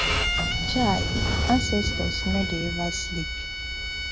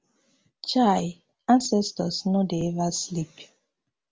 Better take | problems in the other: second | background sound (Sliding door / Train + Bowed string instrument); 3 dB above the speech

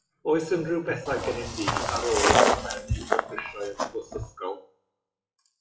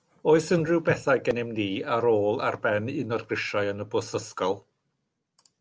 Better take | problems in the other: second | noise reduction (classical method WPE with log-MMSE)

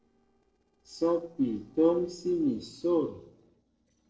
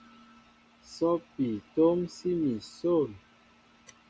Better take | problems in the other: second | noise reduction (neural separator model SepFormer DNS4)

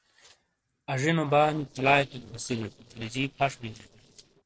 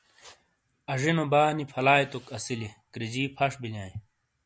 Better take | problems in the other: second | noise reduction (neural separator model SepFormer DNS4)

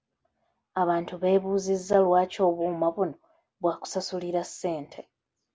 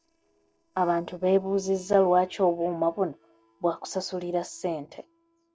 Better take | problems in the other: first | noise reduction (neural separator model SepFormer DNS4)

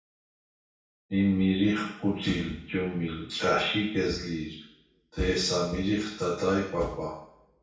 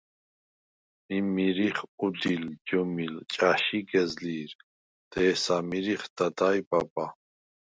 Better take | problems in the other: second | room echo; dies away in 0.6 s

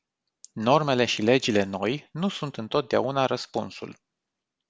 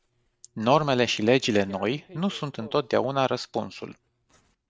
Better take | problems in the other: first | noise reduction (neural mask model RNNoise)

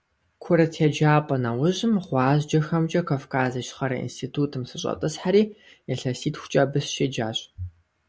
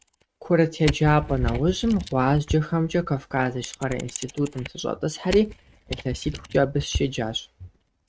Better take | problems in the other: first | noise reduction (neural mask model RNNoise)

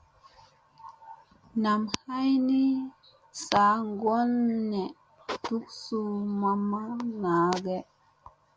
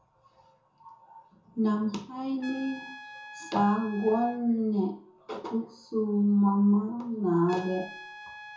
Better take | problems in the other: first | background sound (Trumpet); 20 dB below the speech // room echo; dies away in 0.6 s

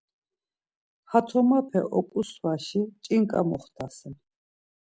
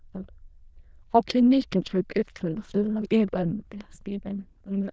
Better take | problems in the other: first | noise reduction (neural diffusion model UNIVERSE++)

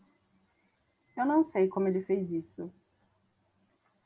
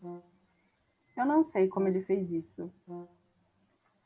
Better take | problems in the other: first | background sound (Brass instrument); 17 dB below the speech

